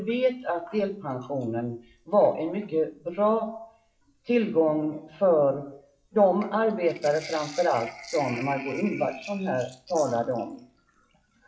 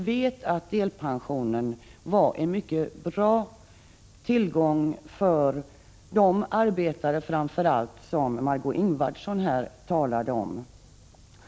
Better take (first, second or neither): second